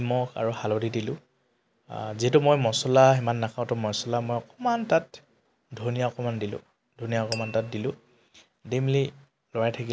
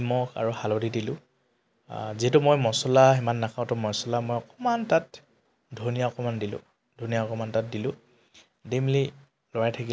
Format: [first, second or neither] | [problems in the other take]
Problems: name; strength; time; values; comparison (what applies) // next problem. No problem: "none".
second | background sound (Glass); 15 dB below the speech